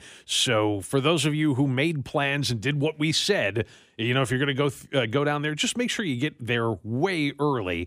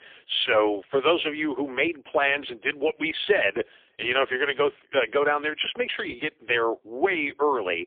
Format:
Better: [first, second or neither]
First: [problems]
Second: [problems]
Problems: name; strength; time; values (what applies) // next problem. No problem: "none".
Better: first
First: none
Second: phone-call audio; poor line; nothing above 3.5 kHz